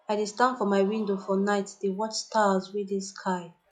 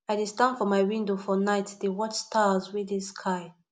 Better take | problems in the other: second | noise reduction (classical method log-MMSE)

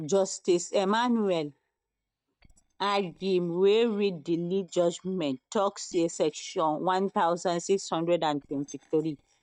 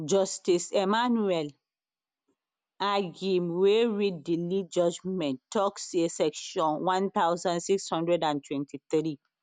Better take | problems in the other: second | noise reduction (neural mask model DeepFilterNet 3)

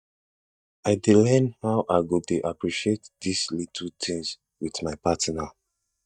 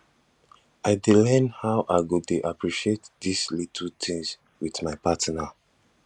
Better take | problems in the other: second | noise reduction (neural mask model DeepFilterNet 3)

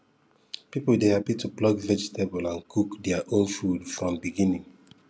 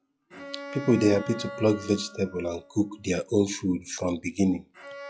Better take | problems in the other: first | noise reduction (classical method log-MMSE)

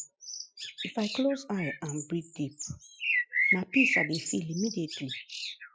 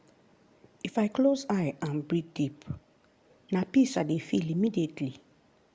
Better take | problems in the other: second | noise reduction (classical method Wiener filter)

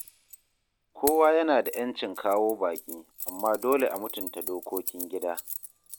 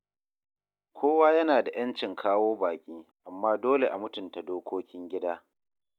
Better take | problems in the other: second | background sound (Keys jangling); 12 dB below the speech

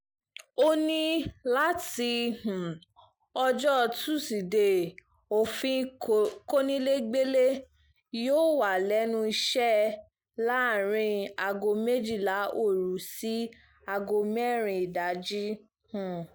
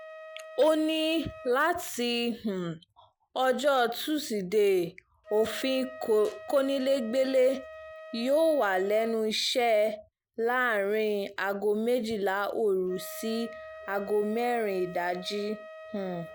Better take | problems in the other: first | background sound (Wind instrument, woodwind instrument); 18 dB below the speech

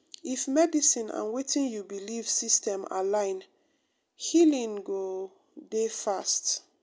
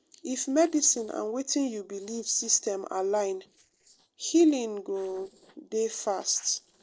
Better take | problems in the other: first | noise reduction (neural separator model SepFormer DNS4)

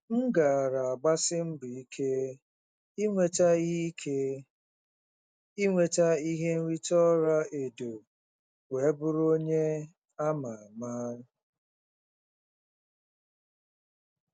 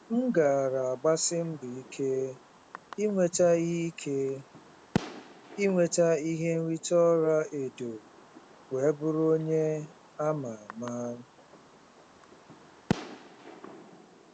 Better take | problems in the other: first | background sound (Fireworks); 14 dB below the speech

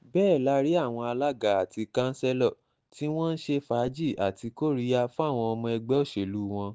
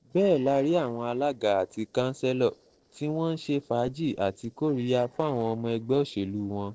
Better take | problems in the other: first | noise reduction (neural separator model SepFormer DNS4)

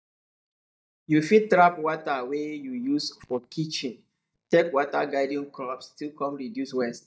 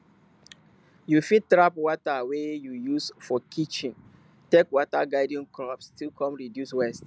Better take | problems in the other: second | noise reduction (neural mask model DeepFilterNet 3)

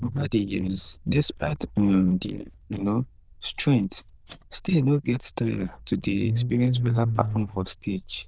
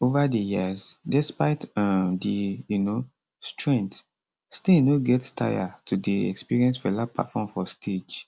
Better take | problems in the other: second | noise reduction (neural diffusion model UNIVERSE++)

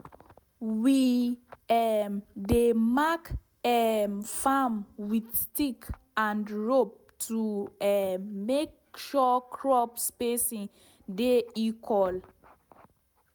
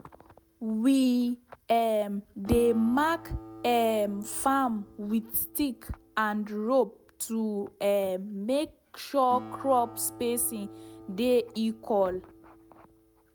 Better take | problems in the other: first | background sound (Acoustic guitar); 20 dB below the speech

